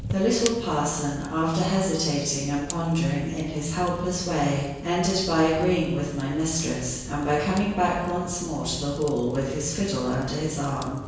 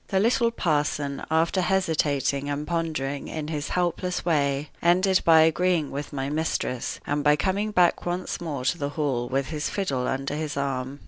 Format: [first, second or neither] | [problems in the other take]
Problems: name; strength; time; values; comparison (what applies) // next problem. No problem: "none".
second | background sound (Fire); 14 dB below the speech // room echo; dies away in 1 s